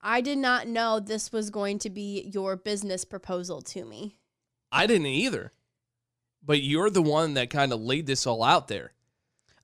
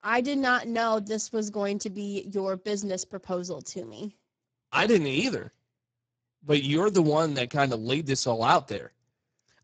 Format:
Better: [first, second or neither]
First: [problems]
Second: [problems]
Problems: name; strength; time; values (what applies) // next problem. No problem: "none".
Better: first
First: none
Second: garbled, watery; badly; nothing above 7.5 kHz